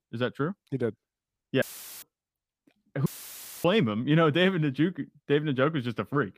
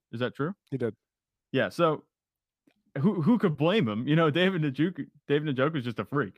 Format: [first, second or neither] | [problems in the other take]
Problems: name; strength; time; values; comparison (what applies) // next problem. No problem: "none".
second | audio cutting out; filled with static; at 1.5 s and at 3 s for 0.5 s